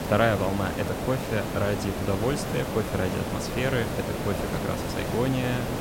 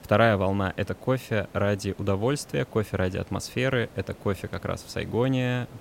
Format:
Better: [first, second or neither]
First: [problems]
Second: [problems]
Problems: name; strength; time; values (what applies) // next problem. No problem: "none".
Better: second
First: hiss; loud; throughout; 2 dB below the speech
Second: hiss; faint; throughout; 20 dB below the speech